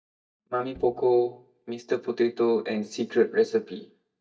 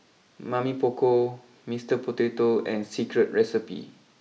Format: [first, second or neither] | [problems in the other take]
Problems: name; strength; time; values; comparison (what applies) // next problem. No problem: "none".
second | noise reduction (neural mask model DeepFilterNet 3)